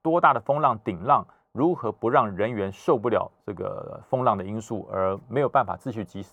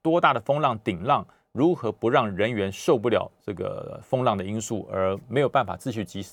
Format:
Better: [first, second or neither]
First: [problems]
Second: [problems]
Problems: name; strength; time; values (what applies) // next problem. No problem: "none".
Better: second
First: muffled; slightly; fading above 2 kHz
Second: none